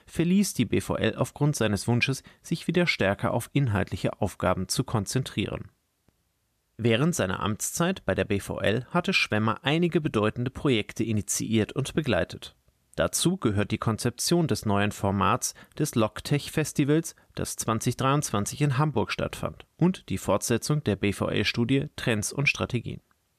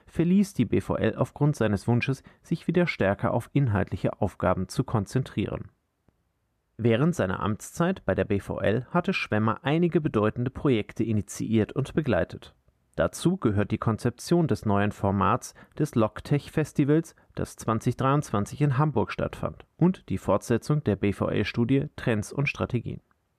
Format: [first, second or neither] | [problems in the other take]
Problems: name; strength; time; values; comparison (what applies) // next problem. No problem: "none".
first | muffled; slightly; fading above 2.5 kHz